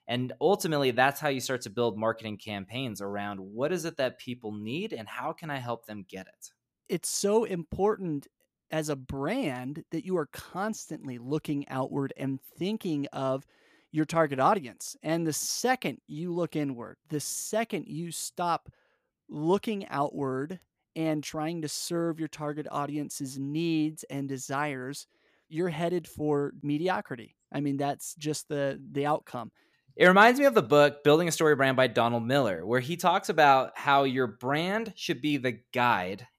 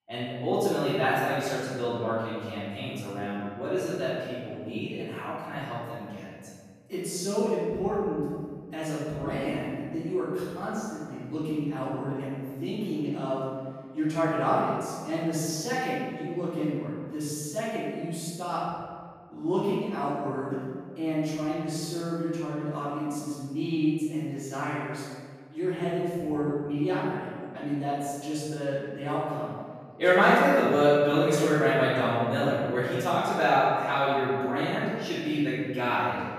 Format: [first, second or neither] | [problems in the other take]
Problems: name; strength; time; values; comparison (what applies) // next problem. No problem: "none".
first | off-mic speech; far // room echo; strong; dies away in 1.7 s